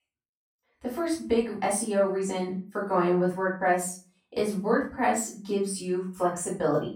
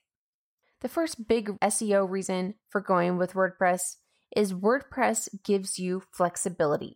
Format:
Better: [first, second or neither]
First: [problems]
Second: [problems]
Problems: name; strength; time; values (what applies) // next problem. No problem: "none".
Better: second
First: off-mic speech; far // room echo; slight; dies away in 0.3 s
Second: none